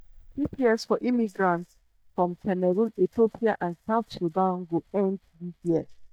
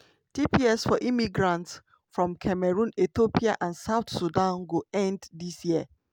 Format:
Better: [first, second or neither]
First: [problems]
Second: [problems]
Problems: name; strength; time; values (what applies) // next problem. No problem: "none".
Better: second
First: noise reduction (neural mask model DeepFilterNet 3)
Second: none